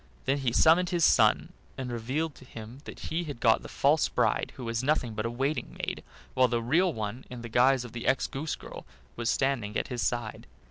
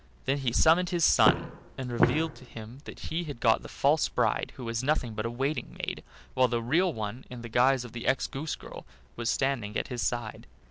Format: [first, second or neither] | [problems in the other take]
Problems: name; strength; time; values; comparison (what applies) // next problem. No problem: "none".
first | background sound (Walk, footsteps); 1 dB below the speech